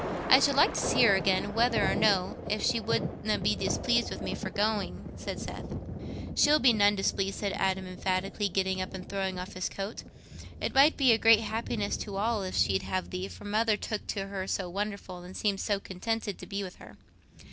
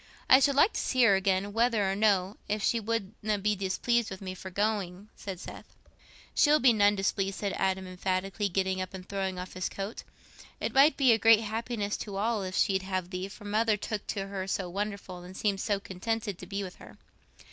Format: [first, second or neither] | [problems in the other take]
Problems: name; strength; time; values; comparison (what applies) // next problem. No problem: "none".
second | background sound (Thunder); 8 dB below the speech